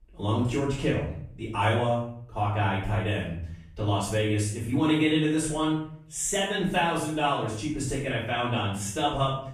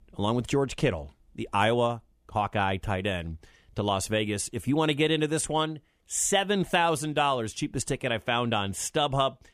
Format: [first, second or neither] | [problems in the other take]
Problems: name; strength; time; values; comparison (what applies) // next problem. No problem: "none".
second | off-mic speech; far // room echo; noticeable; dies away in 0.6 s